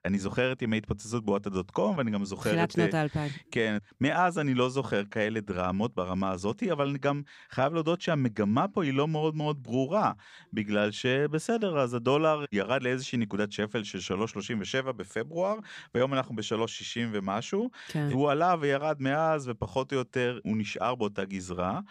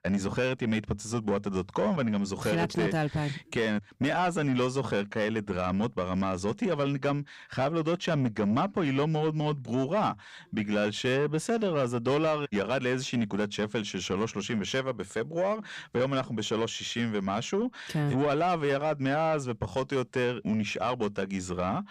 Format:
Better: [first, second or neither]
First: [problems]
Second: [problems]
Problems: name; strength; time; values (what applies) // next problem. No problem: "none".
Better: first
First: none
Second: distortion; slight; 10 dB below the speech